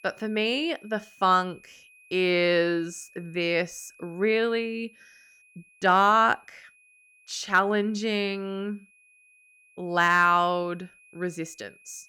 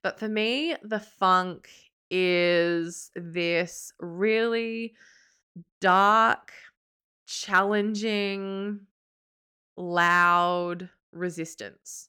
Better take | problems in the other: second | high-pitched whine; faint; throughout; 2.5 kHz, 30 dB below the speech

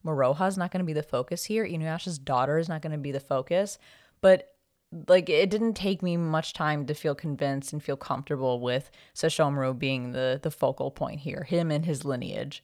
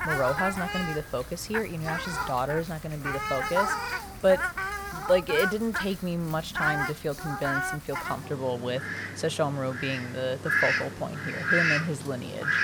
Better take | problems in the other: first | animal sounds; very loud; throughout; as loud as the speech

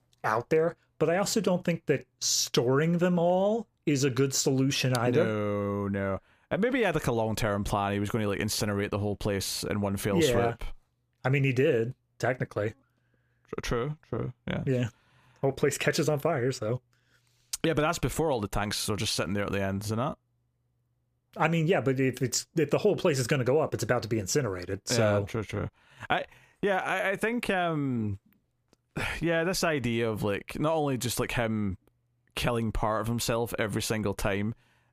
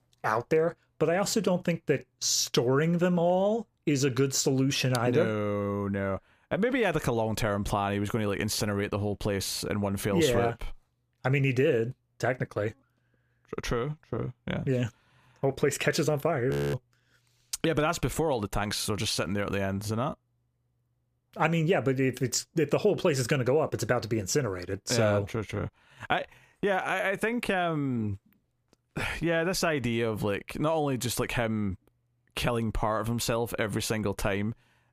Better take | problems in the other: first | audio freezing; at 17 s

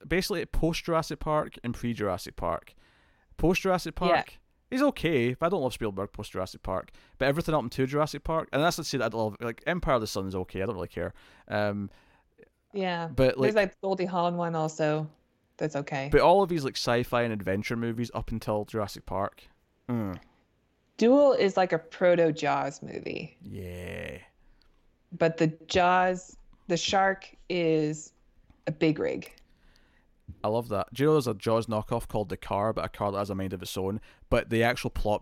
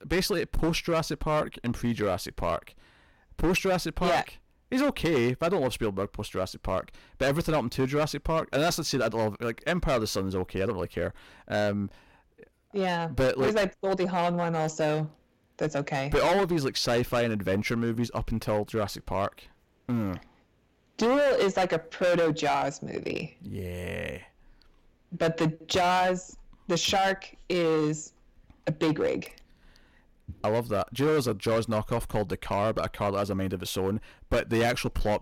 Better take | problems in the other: first | distortion; heavy; 9% of the sound clipped

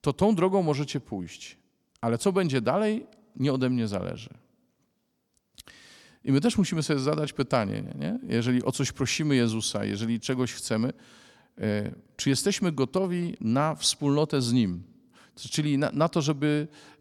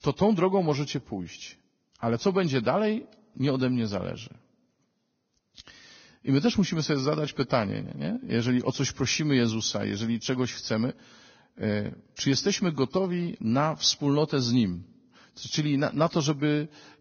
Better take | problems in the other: first | garbled, watery; badly; nothing above 6.5 kHz

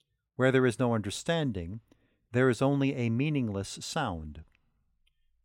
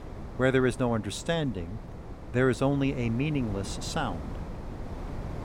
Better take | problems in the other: first | wind noise on the microphone; occasional gusts; 15 dB below the speech

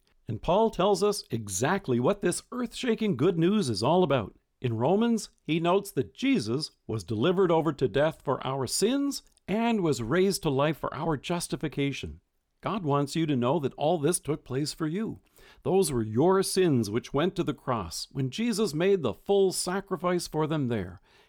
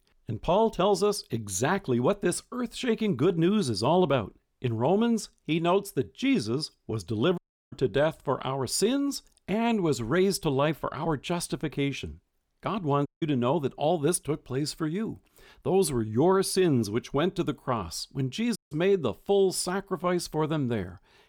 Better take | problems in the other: first | audio cutting out; at 7.5 s, at 13 s and at 19 s

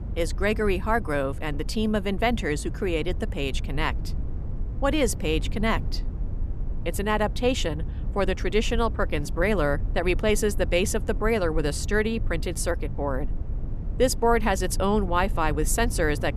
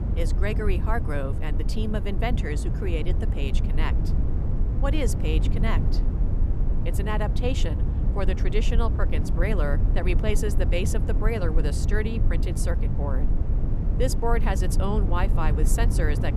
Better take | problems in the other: first | low rumble; loud; throughout; 7 dB below the speech; faint in the first

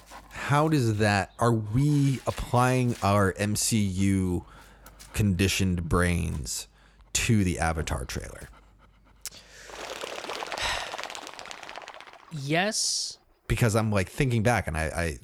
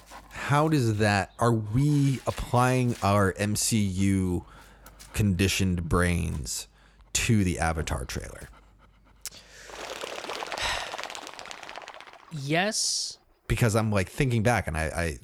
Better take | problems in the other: neither | animal sounds; noticeable; throughout; 15 dB below the speech; the same in both

